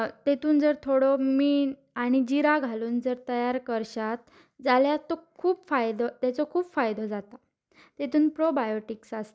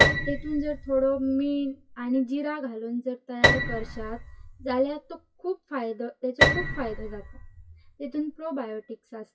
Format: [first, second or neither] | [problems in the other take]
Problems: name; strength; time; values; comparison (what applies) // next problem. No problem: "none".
first | noise reduction (classical method WPE with log-MMSE)